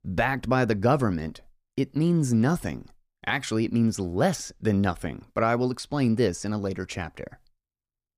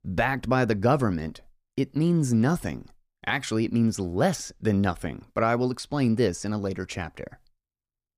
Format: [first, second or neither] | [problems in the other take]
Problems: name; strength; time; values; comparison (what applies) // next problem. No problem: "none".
neither | none